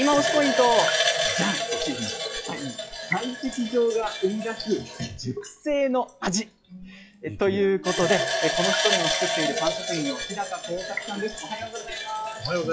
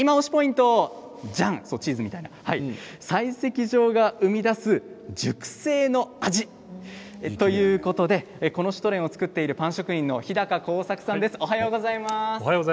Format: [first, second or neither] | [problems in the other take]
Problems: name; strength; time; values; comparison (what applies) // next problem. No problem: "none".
second | noise reduction (classical method log-MMSE)